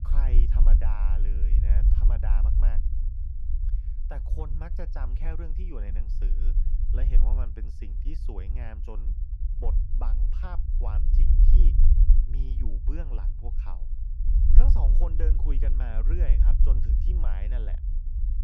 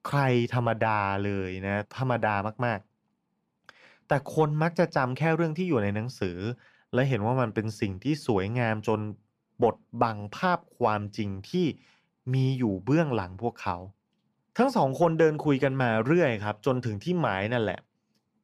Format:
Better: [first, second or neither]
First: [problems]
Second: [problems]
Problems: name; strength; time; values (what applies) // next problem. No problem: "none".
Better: second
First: low rumble; loud; throughout; 3 dB below the speech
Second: none